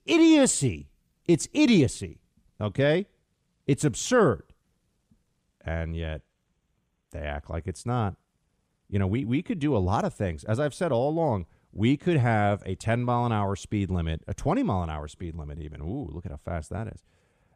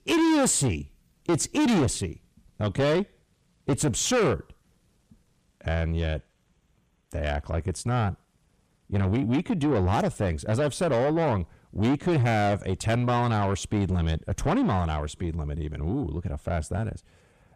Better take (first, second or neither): first